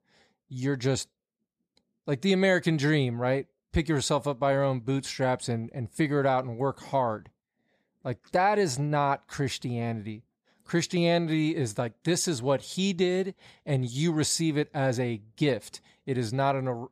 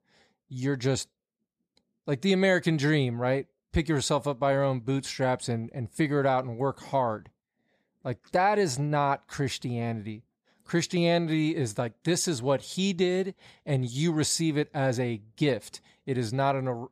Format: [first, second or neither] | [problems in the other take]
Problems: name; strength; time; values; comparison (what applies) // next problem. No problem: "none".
neither | none